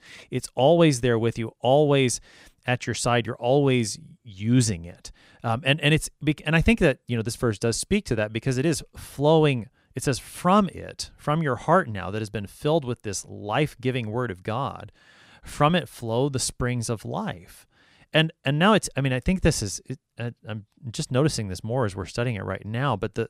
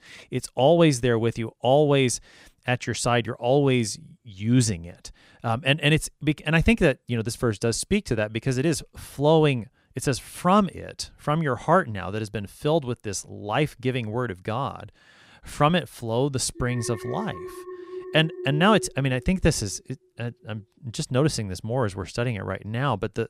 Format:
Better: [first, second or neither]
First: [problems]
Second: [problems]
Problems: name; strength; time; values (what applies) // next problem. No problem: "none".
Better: first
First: none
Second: alarm; noticeable; from 17 to 20 s; peak 9 dB below the speech